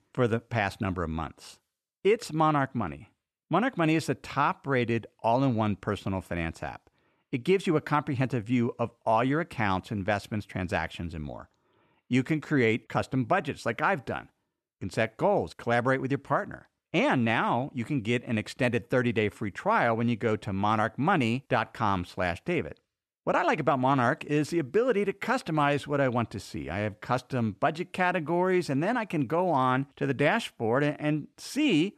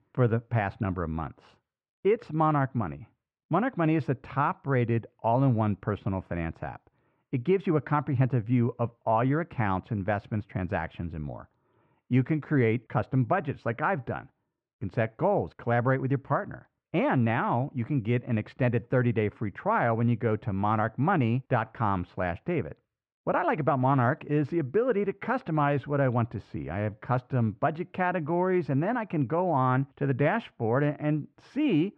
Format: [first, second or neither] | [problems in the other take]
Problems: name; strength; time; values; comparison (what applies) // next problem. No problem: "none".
first | muffled; very; fading above 2 kHz